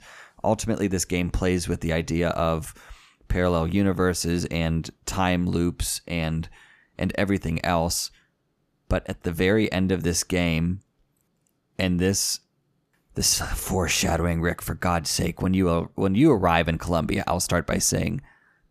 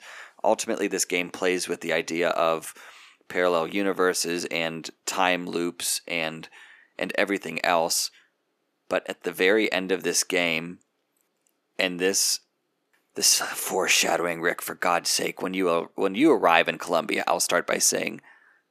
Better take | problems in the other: first | thin; somewhat; fading below 300 Hz

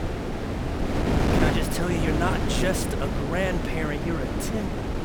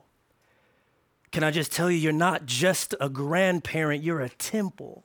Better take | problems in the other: second | wind noise on the microphone; heavy; as loud as the speech

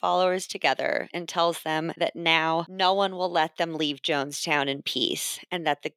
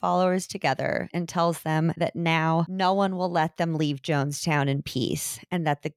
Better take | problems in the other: second | thin; somewhat; fading below 350 Hz

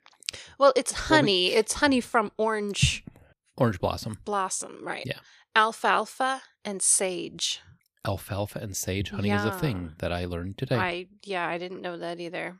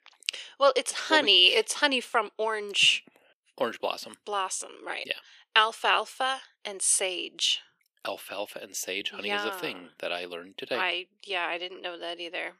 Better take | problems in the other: first | thin; somewhat; fading below 350 Hz

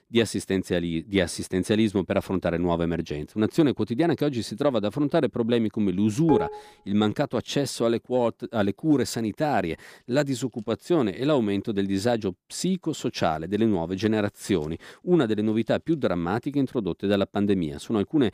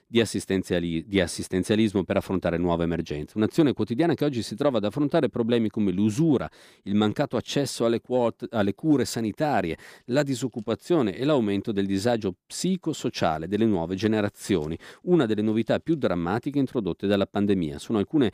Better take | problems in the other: second | clattering dishes; noticeable; at 6.5 s; peak 3 dB below the speech

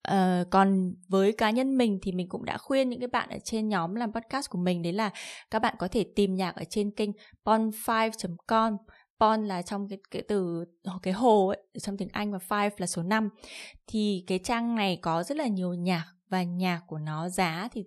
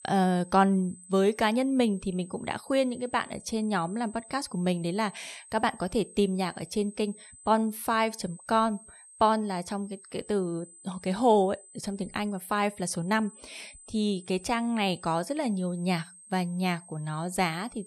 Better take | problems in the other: first | high-pitched whine; faint; throughout; 8.5 kHz, 20 dB below the speech

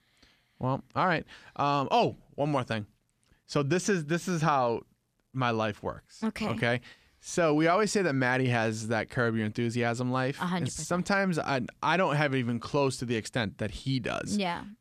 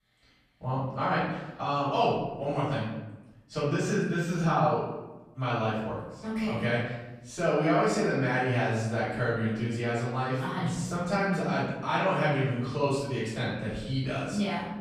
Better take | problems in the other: first | off-mic speech; far // room echo; noticeable; dies away in 1 s

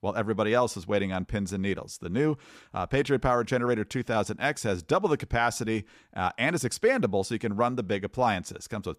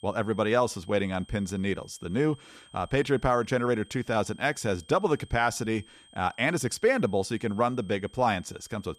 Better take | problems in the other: first | high-pitched whine; faint; throughout; 3 kHz, 25 dB below the speech

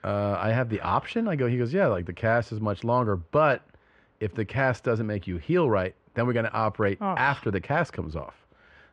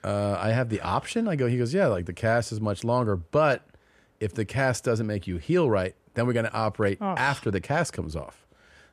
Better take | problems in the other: second | muffled; slightly; fading above 2.5 kHz

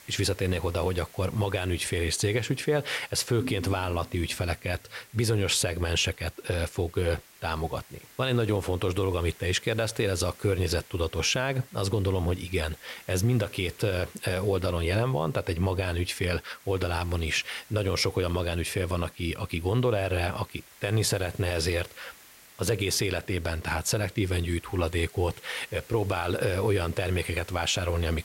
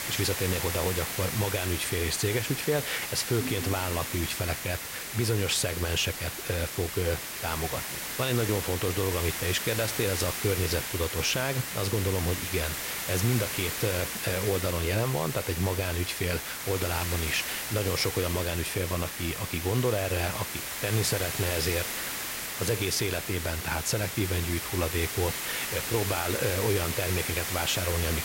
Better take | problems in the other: first | hiss; loud; throughout; 3 dB below the speech; faint in the first

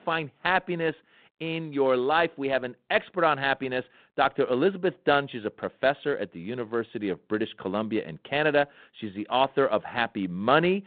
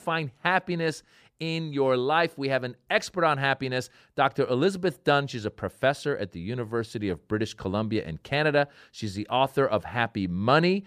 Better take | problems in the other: second | phone-call audio; nothing above 4 kHz

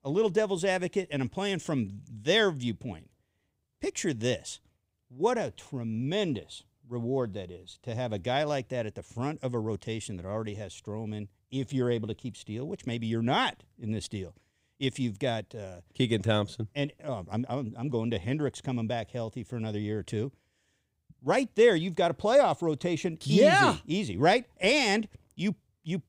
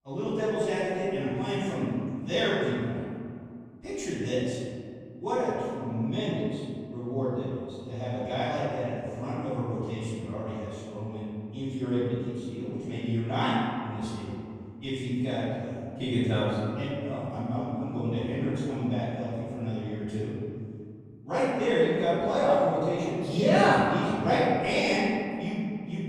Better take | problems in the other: first | off-mic speech; far // room echo; strong; dies away in 2.2 s

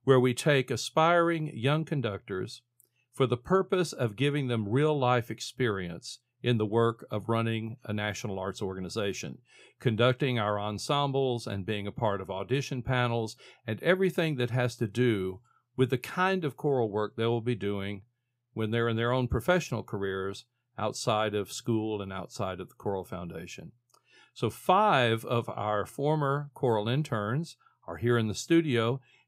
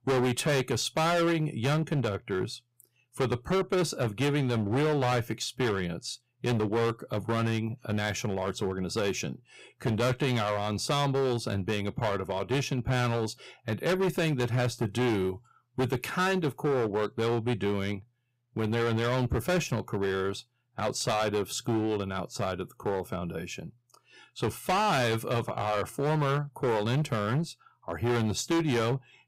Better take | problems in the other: first | distortion; heavy; 16% of the sound clipped

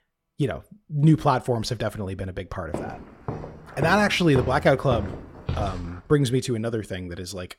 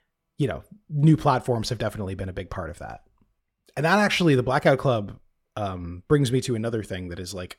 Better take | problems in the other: second | footsteps; noticeable; from 2.5 to 6 s; peak 7 dB below the speech

